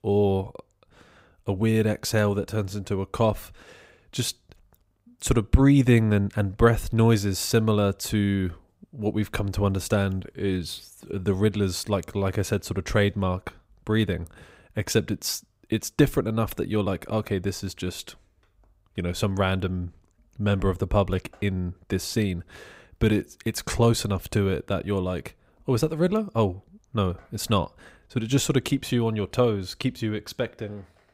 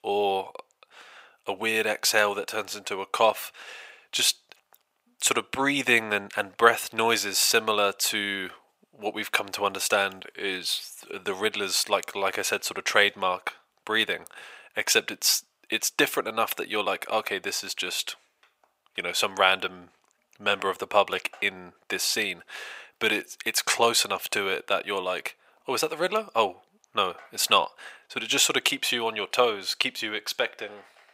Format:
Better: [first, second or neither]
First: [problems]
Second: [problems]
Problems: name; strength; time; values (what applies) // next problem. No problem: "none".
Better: first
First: none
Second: thin; very; fading below 750 Hz